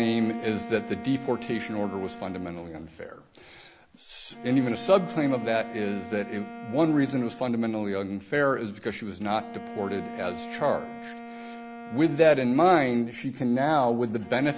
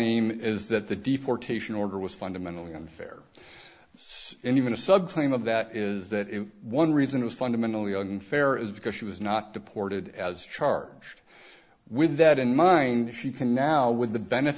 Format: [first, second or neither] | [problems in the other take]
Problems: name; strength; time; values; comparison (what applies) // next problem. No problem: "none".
second | background sound (Bowed string instrument); 14 dB below the speech